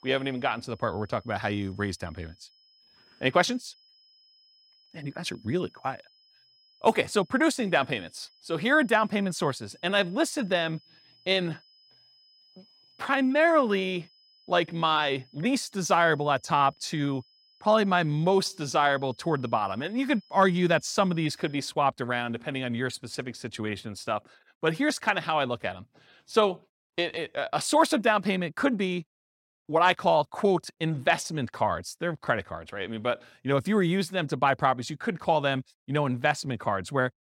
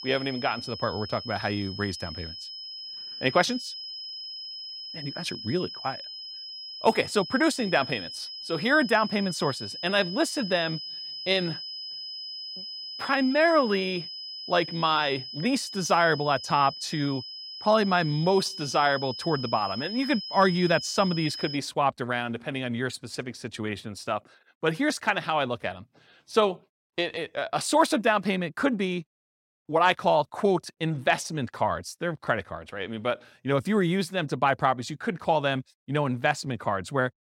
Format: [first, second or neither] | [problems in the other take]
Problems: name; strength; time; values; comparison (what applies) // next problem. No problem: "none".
first | high-pitched whine; loud; until 22 s; 5 kHz, 9 dB below the speech; faint in the first